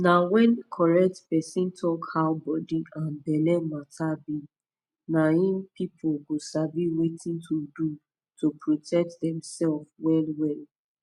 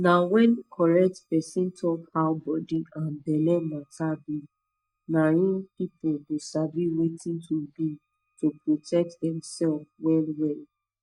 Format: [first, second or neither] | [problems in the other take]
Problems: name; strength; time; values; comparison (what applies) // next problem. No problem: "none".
first | noise reduction (neural mask model DeepFilterNet 3)